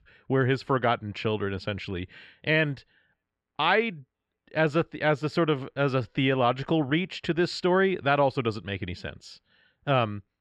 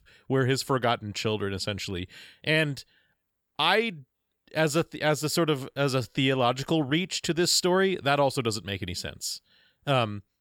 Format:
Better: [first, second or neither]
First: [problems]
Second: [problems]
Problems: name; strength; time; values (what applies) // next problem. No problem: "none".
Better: second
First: muffled; slightly; fading above 2 kHz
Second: none